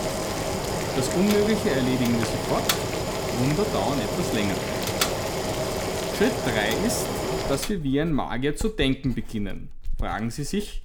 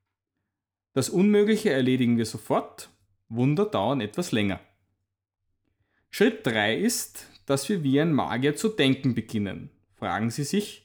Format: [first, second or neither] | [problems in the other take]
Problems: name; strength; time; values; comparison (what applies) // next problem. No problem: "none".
second | household noises; loud; throughout; 1 dB below the speech